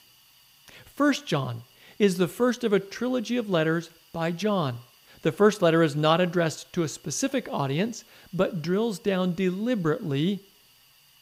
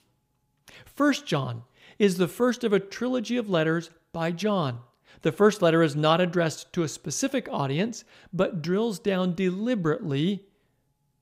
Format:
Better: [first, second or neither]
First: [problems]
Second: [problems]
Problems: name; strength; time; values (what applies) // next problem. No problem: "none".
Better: second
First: hiss; faint; throughout; 30 dB below the speech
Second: none